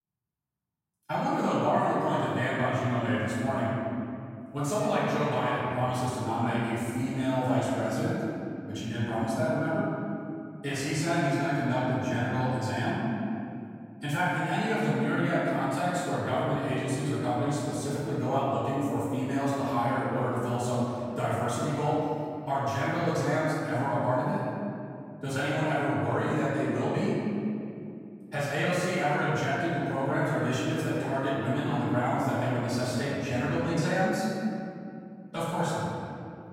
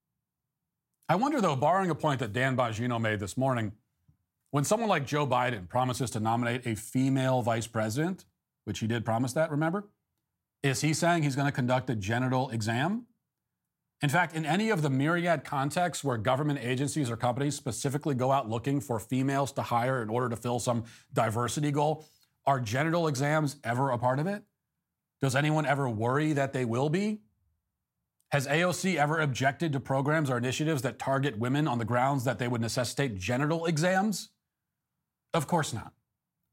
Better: second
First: off-mic speech; far // room echo; strong; dies away in 2.4 s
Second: none

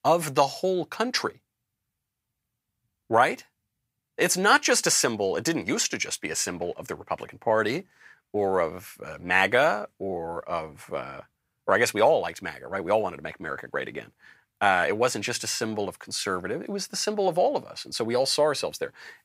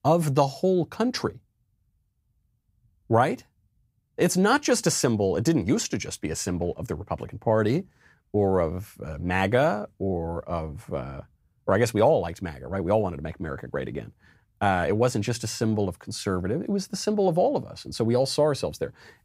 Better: second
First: thin; somewhat; fading below 800 Hz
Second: none

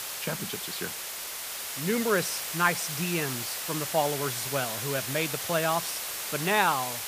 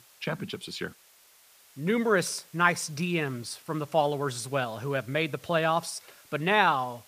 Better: second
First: hiss; loud; throughout; 2 dB below the speech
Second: hiss; faint; throughout; 25 dB below the speech

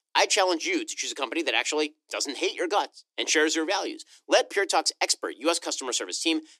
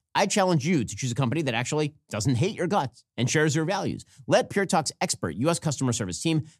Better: second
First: thin; very; fading below 300 Hz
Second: none

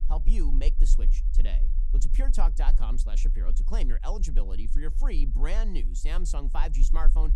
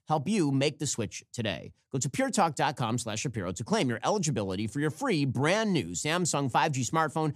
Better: second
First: low rumble; noticeable; throughout; 15 dB below the speech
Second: none

